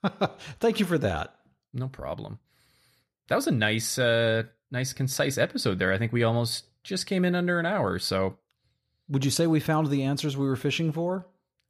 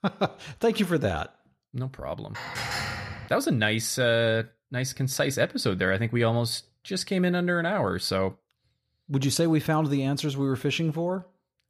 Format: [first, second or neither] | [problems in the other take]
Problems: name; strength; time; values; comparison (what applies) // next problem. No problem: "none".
first | clattering dishes; noticeable; at 2.5 s; peak 3 dB below the speech